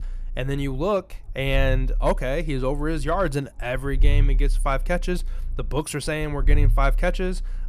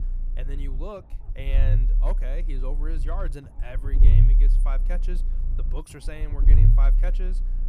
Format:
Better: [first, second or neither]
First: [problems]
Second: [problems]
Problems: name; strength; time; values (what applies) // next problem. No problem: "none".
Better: first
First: low rumble; faint; throughout; 20 dB below the speech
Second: low rumble; loud; throughout; 4 dB below the speech